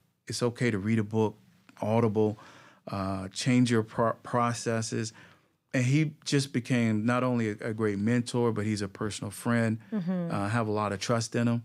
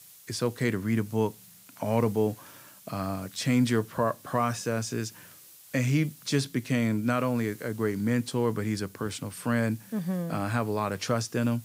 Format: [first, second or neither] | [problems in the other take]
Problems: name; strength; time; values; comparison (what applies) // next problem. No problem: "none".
first | hiss; faint; throughout; 20 dB below the speech